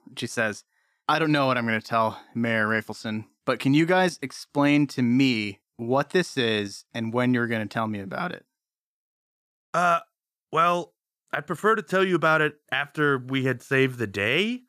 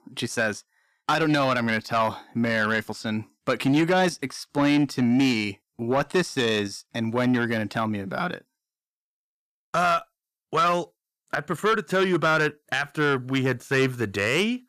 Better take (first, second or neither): first